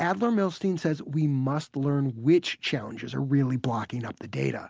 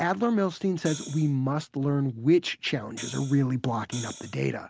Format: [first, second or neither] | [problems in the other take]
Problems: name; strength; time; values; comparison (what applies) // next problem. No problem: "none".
first | background sound (Hi-hat); 16 dB below the speech